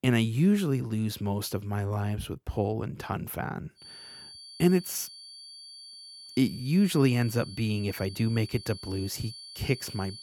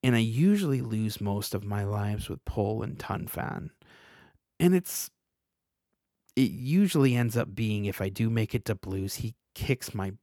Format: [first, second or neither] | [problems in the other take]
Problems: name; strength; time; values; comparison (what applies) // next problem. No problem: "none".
second | high-pitched whine; noticeable; from 4 s on; 4.5 kHz, 15 dB below the speech